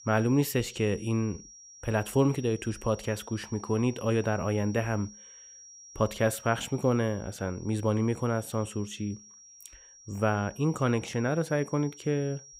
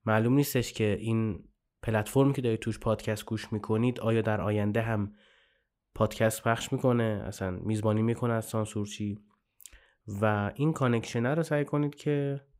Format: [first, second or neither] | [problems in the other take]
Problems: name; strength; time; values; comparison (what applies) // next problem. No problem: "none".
second | high-pitched whine; noticeable; throughout; 5.5 kHz, 20 dB below the speech